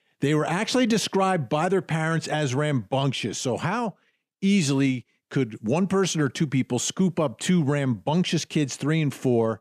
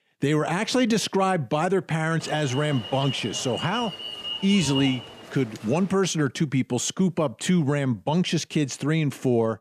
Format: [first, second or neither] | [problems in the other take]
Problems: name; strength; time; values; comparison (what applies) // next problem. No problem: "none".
first | alarm; noticeable; from 2 to 6 s; peak 4 dB below the speech